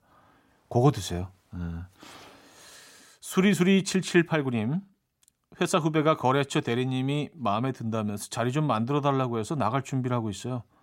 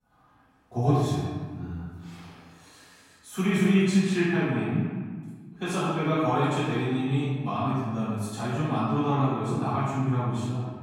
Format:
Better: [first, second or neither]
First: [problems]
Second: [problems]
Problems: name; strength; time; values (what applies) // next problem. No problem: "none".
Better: first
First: none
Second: off-mic speech; far // room echo; strong; dies away in 1.5 s